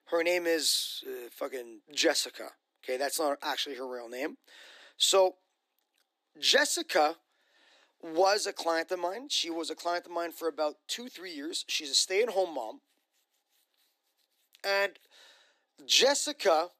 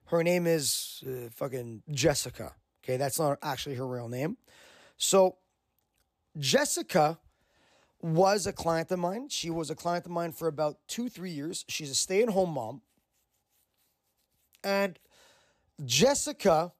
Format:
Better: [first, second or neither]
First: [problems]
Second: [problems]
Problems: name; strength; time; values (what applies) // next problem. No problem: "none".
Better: second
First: thin; somewhat; fading below 300 Hz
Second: none